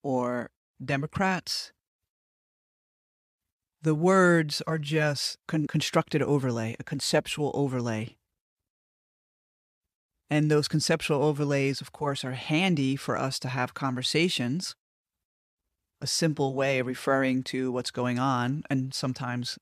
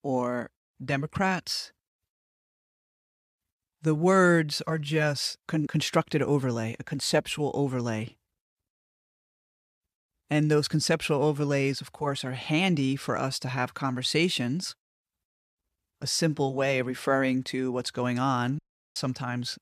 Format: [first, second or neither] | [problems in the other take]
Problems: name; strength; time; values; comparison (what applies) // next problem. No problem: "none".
first | audio cutting out; at 19 s